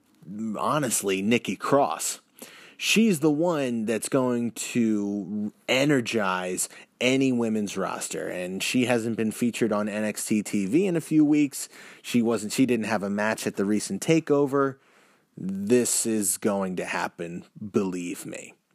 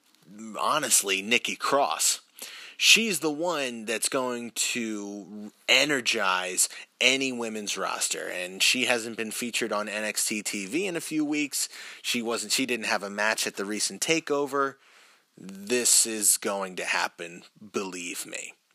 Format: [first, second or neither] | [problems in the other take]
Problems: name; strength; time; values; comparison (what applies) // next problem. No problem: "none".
first | thin; somewhat; fading below 1 kHz